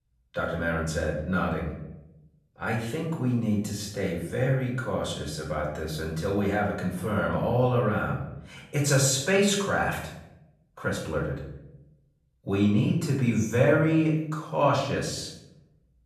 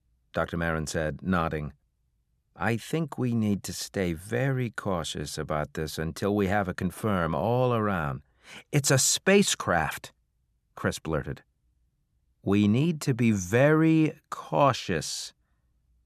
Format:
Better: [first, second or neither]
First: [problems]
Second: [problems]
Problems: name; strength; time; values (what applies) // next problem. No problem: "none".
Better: second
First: off-mic speech; far // room echo; noticeable; dies away in 0.7 s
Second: none